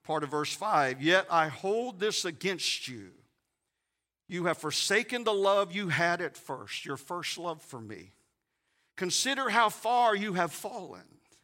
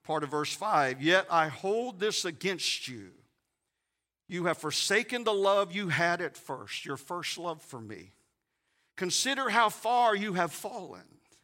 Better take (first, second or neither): neither